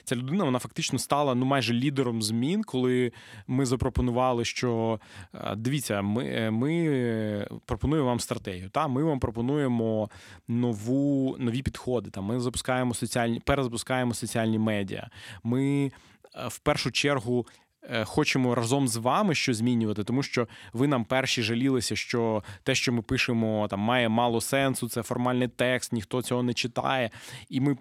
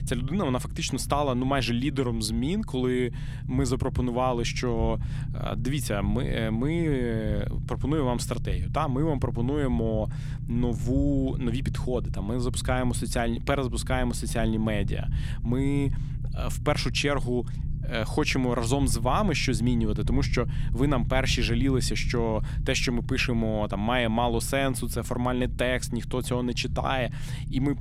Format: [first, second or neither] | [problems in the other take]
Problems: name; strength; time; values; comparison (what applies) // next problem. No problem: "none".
first | low rumble; noticeable; throughout; 15 dB below the speech